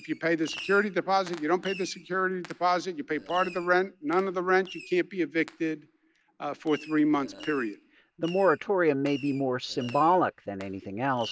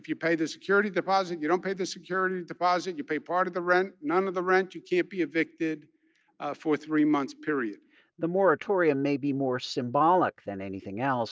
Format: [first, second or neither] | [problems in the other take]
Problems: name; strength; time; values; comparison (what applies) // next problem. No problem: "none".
second | background sound (Burping, eructation + Fireworks); 19 dB below the speech